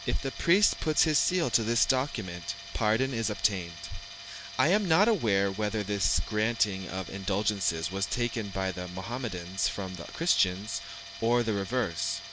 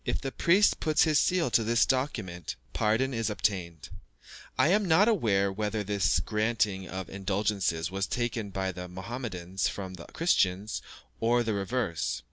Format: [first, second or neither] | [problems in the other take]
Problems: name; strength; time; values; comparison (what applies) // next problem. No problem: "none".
second | background sound (Tools); 14 dB below the speech